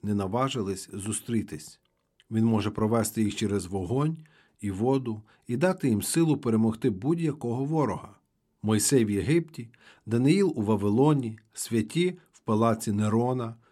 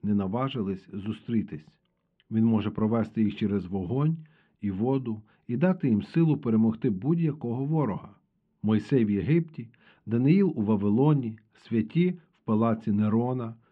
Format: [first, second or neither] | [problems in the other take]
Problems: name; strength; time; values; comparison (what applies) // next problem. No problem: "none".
first | muffled; very; fading above 3 kHz